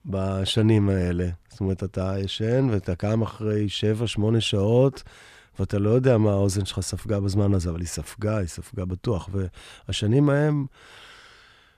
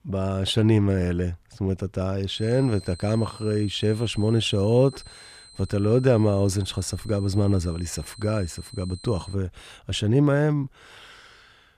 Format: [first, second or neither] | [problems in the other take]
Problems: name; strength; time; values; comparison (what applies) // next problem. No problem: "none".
first | high-pitched whine; faint; from 2.5 to 9.5 s; 4 kHz, 20 dB below the speech